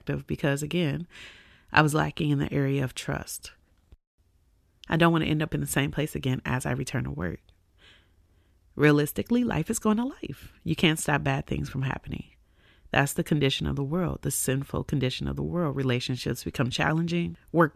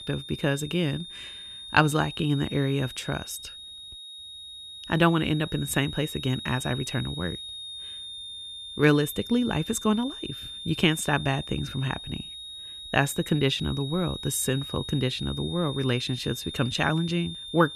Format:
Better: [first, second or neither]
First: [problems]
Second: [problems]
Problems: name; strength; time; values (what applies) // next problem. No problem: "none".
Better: first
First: none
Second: high-pitched whine; noticeable; throughout; 3.5 kHz, 10 dB below the speech